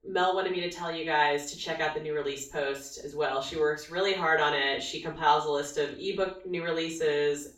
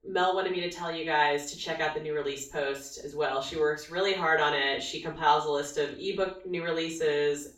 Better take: neither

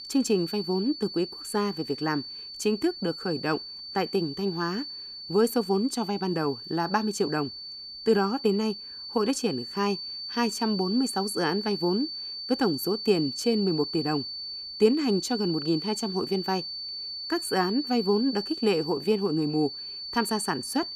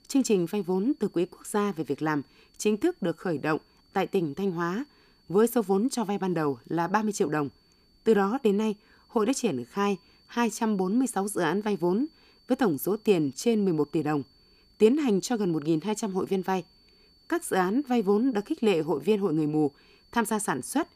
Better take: second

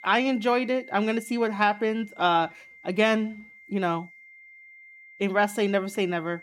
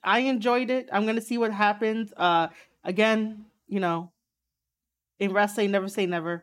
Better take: second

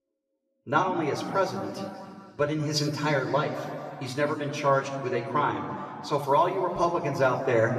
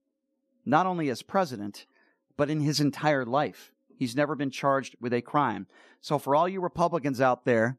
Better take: second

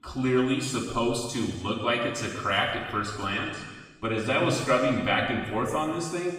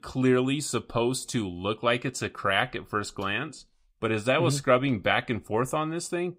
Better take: second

